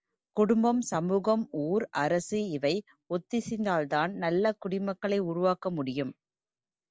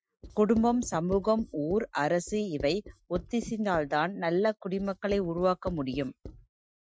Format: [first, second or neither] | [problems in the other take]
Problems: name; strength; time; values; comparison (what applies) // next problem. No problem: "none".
first | noise reduction (classical method Wiener filter)